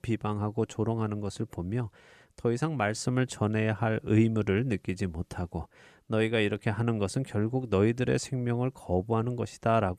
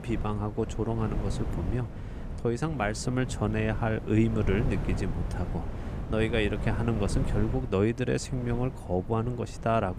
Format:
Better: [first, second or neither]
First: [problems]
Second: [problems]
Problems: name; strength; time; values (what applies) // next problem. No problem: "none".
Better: first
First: none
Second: wind noise on the microphone; occasional gusts; 10 dB below the speech